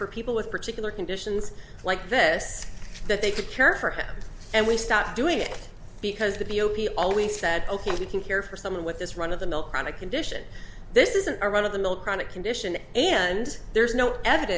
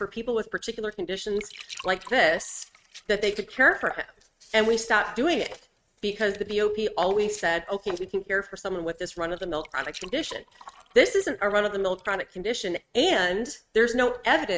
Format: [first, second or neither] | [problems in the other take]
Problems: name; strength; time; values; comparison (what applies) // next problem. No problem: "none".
first | noise reduction (neural mask model RNNoise)